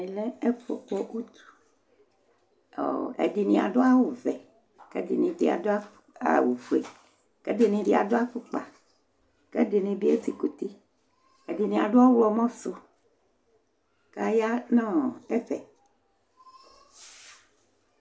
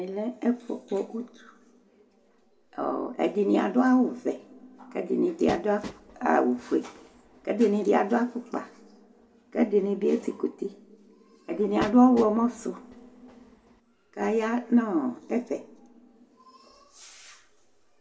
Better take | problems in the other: first | background sound (Train); 14 dB below the speech // room echo; dies away in 1.4 s

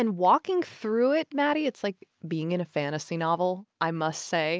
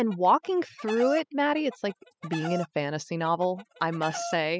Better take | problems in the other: first | noise reduction (classical method spectral subtraction)

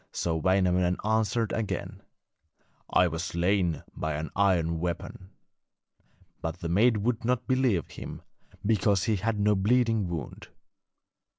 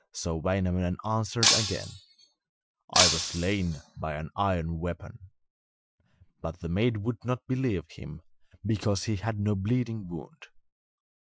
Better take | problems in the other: first | noise reduction (classical method Wiener filter)

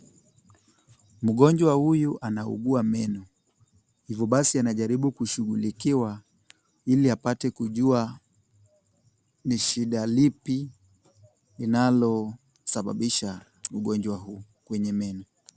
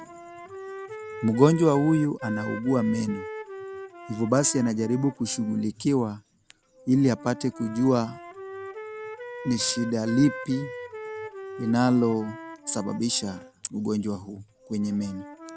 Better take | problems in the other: first | background sound (Wind instrument, woodwind instrument); 14 dB below the speech

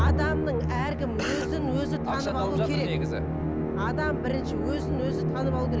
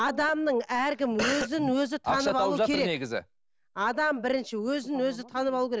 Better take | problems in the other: second | background sound (Musical instrument); 4 dB above the speech

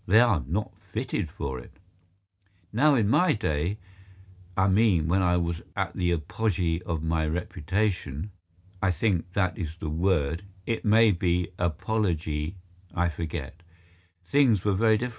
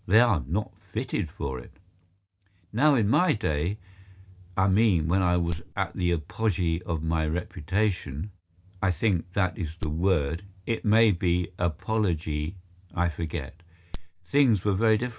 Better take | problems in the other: first | background sound (Crack); 14 dB below the speech

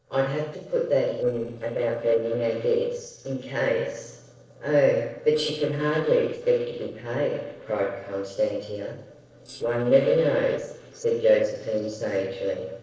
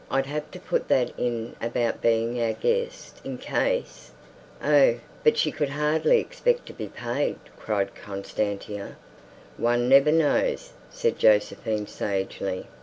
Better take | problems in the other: second | noise reduction (neural separator model SepFormer DNS4)

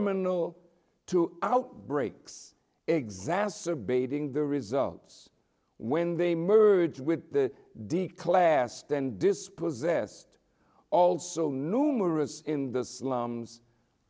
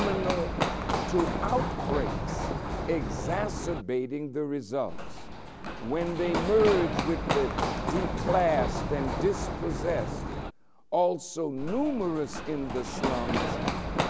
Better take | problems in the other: first | background sound (Run); 1 dB below the speech

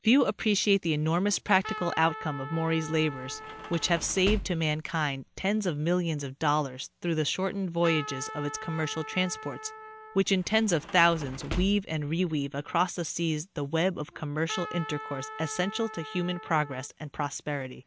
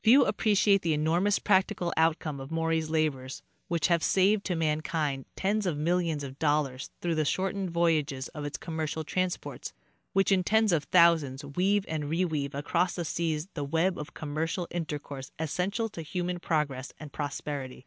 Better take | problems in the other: second | background sound (Trumpet + Sliding door / Slam); 12 dB below the speech

